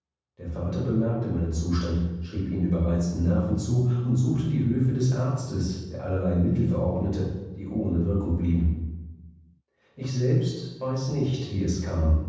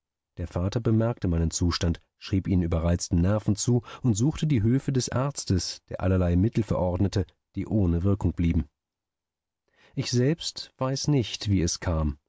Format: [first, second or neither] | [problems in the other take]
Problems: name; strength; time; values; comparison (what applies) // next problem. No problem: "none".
second | room echo; dies away in 1.1 s